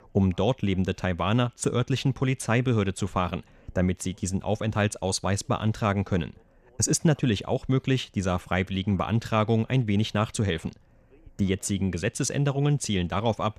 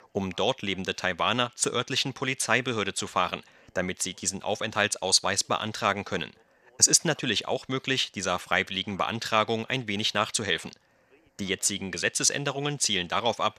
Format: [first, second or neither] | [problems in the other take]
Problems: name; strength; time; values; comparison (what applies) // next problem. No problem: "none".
first | thin; somewhat; fading below 900 Hz